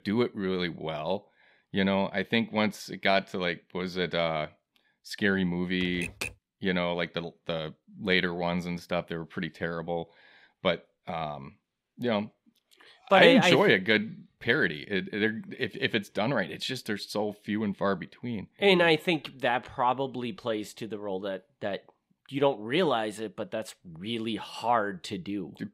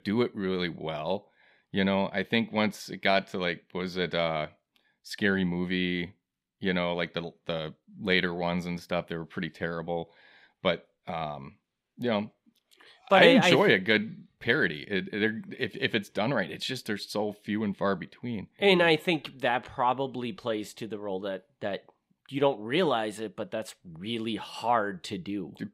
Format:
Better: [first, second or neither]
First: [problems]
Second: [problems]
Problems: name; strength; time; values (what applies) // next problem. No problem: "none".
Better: second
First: keyboard typing; noticeable; at 6 s; peak 7 dB below the speech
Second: none